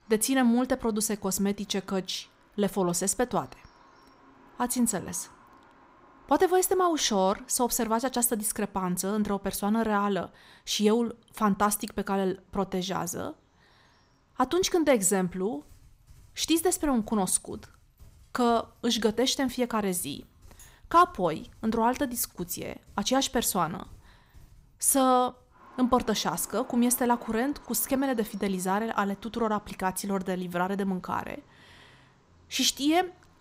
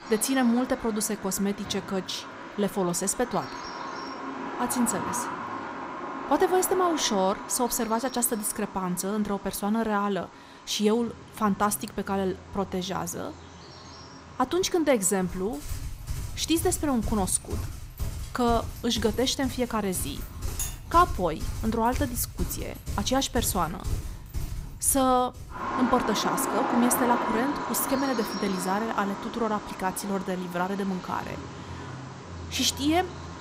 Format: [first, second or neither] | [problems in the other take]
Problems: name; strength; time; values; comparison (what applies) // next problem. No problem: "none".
first | animal sounds; loud; throughout; 9 dB below the speech; faint in the first